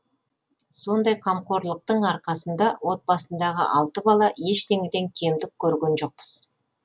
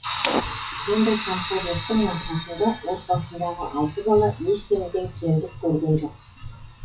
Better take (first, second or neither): first